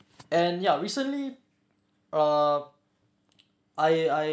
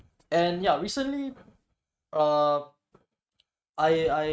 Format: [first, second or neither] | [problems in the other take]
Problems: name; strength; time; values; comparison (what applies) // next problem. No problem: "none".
first | noise reduction (neural mask model RNNoise)